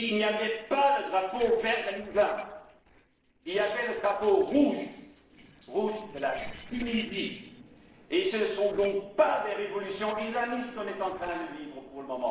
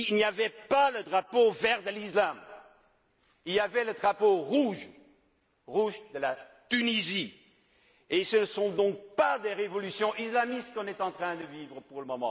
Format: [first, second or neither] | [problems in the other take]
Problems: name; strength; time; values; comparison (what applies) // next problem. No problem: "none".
second | noise reduction (neural separator model SepFormer DNS4)